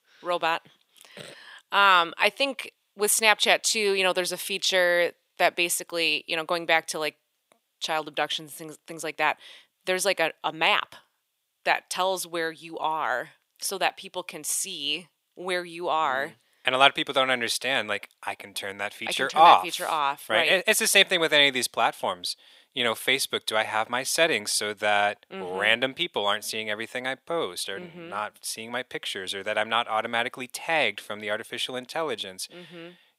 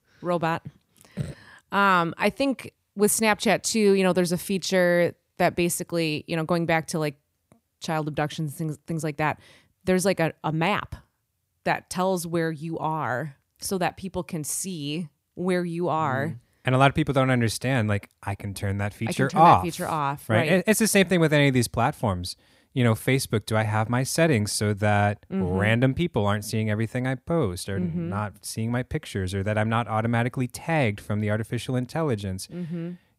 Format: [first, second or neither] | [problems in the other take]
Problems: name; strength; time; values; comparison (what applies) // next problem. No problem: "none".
second | thin; very; fading below 550 Hz